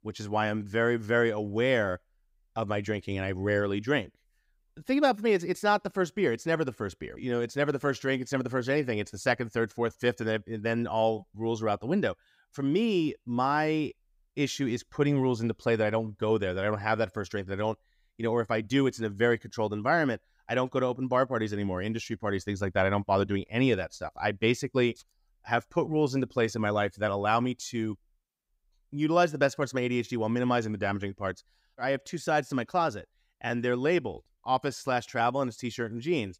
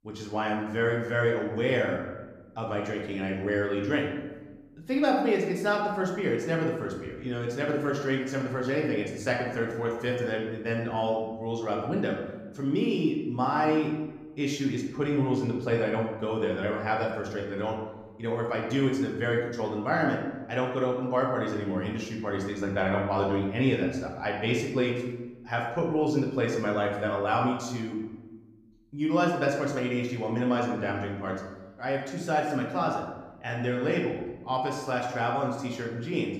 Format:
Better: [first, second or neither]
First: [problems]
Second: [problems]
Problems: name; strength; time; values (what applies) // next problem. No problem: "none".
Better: first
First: none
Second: room echo; noticeable; dies away in 0.9 s // off-mic speech; somewhat distant